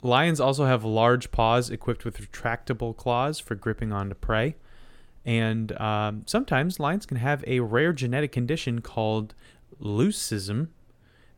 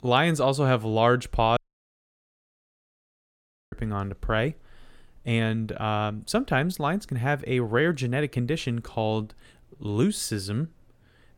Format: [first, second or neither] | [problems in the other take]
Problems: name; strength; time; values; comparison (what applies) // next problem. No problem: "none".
first | audio cutting out; at 1.5 s for 2 s